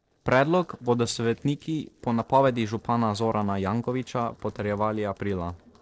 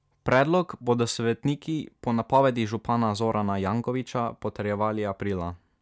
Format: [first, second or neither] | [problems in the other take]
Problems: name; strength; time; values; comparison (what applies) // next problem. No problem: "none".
second | noise reduction (neural separator model SepFormer DNS4)